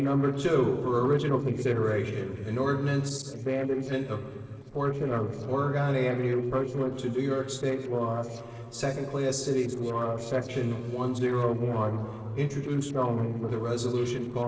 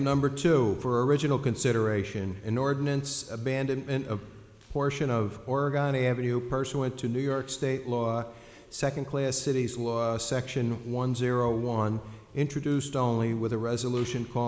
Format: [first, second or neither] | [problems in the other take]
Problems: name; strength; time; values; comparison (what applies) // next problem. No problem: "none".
second | noise reduction (neural separator model SepFormer DNS4)